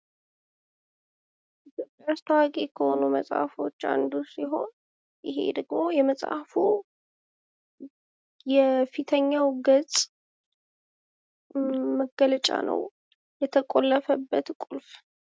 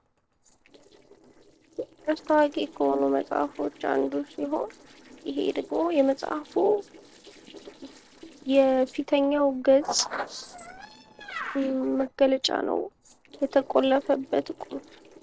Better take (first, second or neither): first